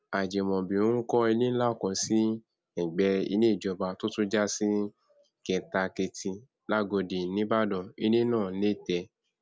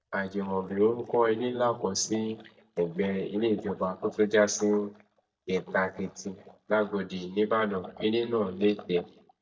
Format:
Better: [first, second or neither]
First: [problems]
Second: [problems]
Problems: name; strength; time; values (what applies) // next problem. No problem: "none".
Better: first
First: none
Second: noise reduction (neural mask model DeepFilterNet 3)